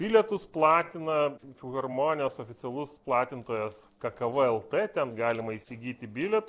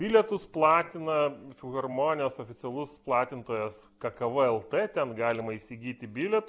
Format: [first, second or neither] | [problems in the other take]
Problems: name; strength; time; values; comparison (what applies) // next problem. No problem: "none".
second | noise reduction (neural separator model SepFormer DNS4)